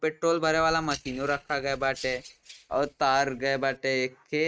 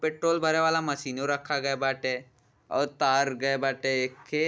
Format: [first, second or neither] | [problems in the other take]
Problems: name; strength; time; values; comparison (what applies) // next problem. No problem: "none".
second | noise reduction (neural mask model RNNoise)